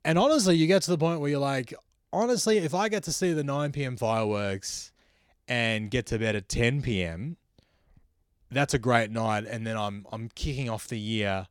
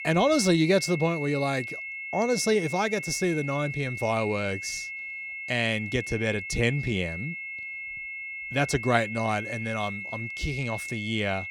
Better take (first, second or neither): first